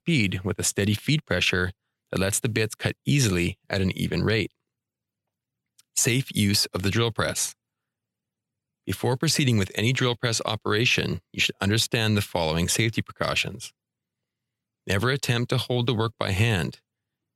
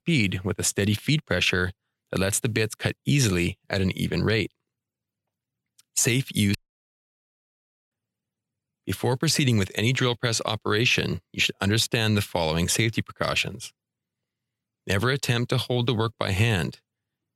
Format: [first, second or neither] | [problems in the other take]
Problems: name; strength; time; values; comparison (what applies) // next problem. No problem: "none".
first | audio cutting out; at 6.5 s for 1.5 s